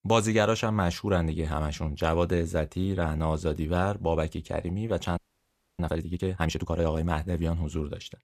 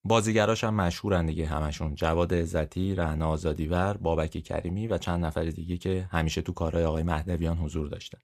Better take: second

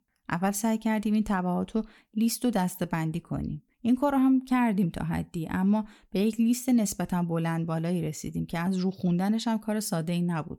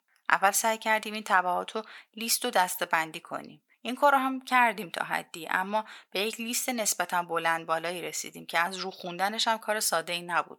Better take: first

